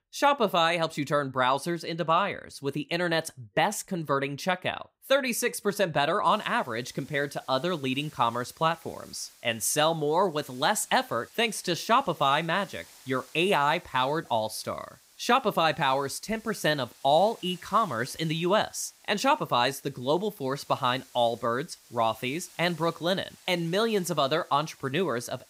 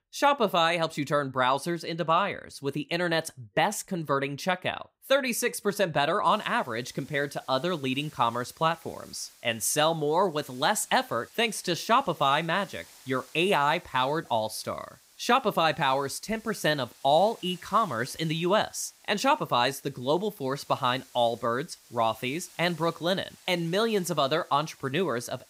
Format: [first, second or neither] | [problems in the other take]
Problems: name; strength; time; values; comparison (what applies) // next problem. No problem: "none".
neither | hiss; faint; from 6.5 s on; 25 dB below the speech; the same in both